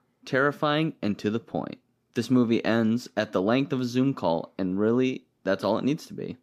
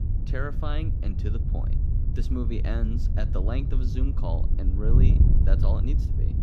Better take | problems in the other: first | wind noise on the microphone; heavy; 3 dB below the speech

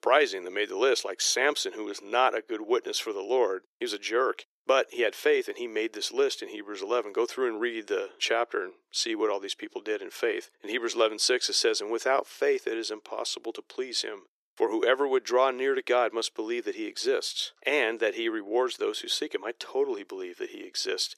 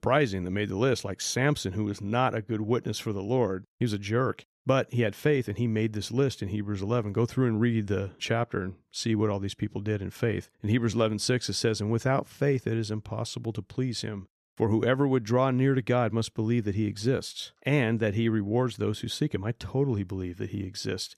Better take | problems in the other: second | thin; very; fading below 350 Hz

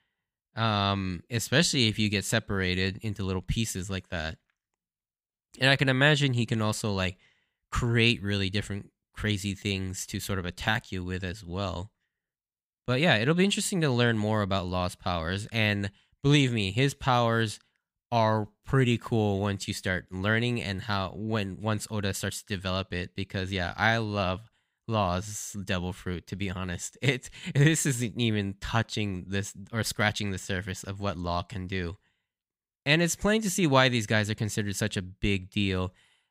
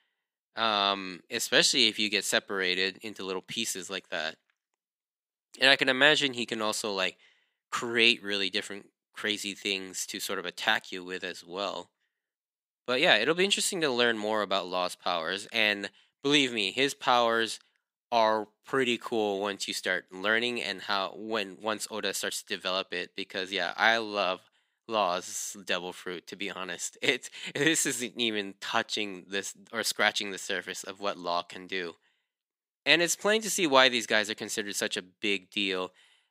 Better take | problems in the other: first | thin; somewhat; fading below 300 Hz

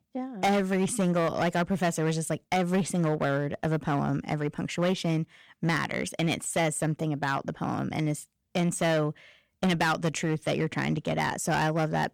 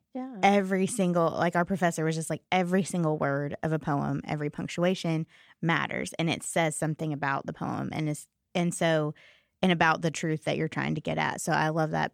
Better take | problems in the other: second | distortion; slight; 8% of the sound clipped

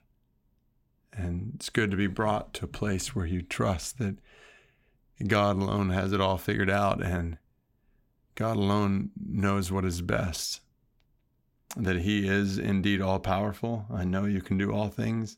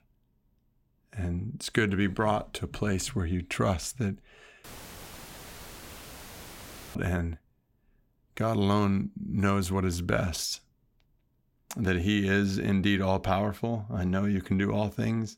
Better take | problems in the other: first | audio cutting out; filled with static; at 4.5 s for 2.5 s

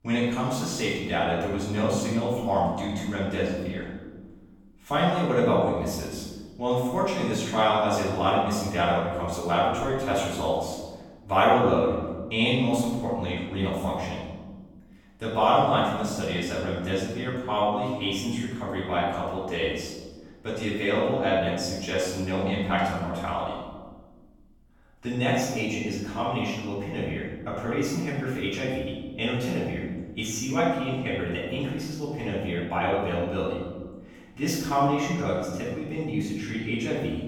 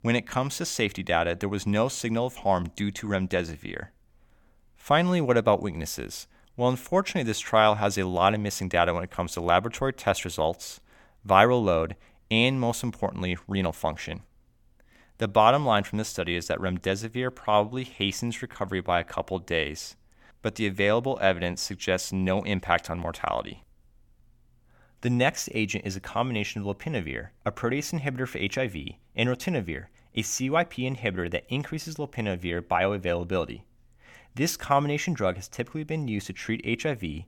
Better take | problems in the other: second | off-mic speech; far // room echo; strong; dies away in 1.2 s

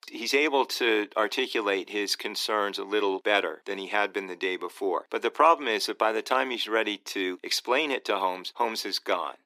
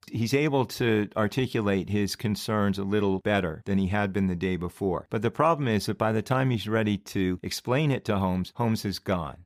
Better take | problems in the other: second | thin; very; fading below 300 Hz

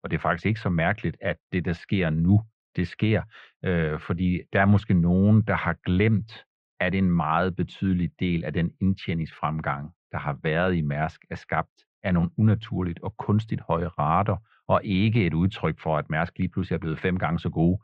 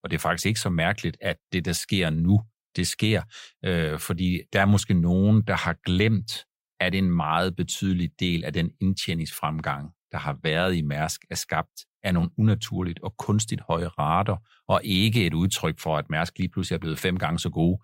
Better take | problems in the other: second | muffled; very; fading above 2.5 kHz

